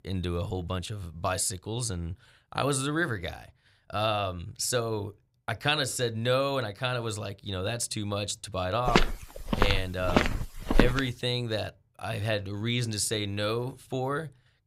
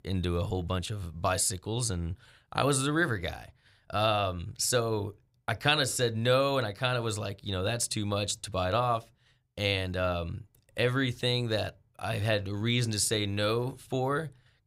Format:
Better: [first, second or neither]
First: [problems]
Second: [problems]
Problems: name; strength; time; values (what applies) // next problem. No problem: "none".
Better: second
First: footsteps; loud; from 9 to 11 s; peak 4 dB above the speech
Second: none